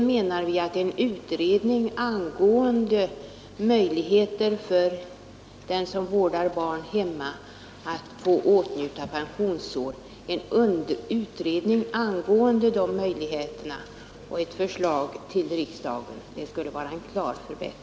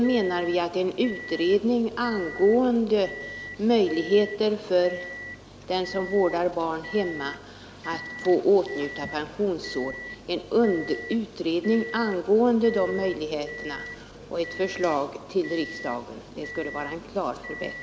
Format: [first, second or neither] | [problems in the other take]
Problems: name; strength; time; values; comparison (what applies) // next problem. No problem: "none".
first | background sound (Microwave oven); 15 dB below the speech